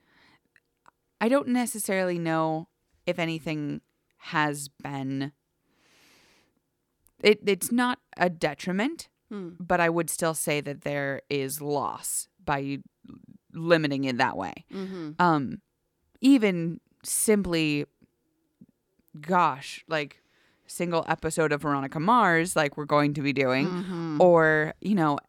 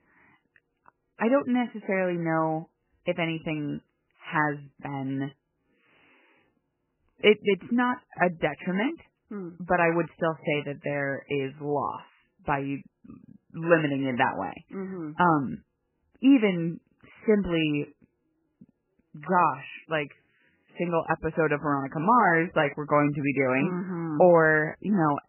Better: first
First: none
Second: garbled, watery; badly; nothing above 3 kHz

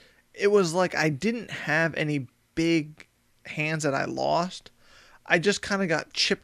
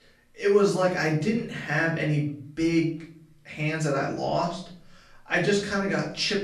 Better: first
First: none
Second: off-mic speech; far // room echo; slight; dies away in 0.5 s

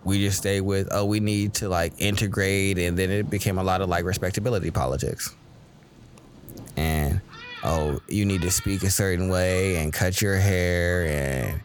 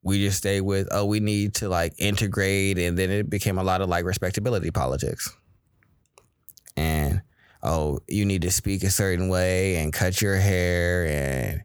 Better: second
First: rain or running water; noticeable; throughout; 20 dB below the speech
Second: none

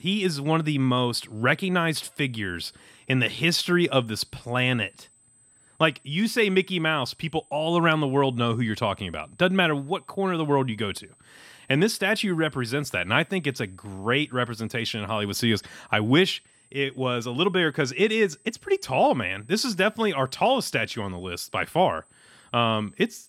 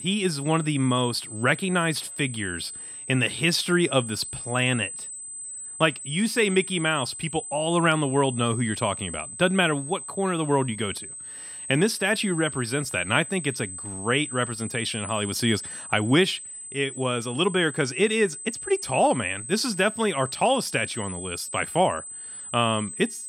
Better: first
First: high-pitched whine; faint; throughout; 8 kHz, 30 dB below the speech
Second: high-pitched whine; loud; throughout; 8 kHz, 9 dB below the speech

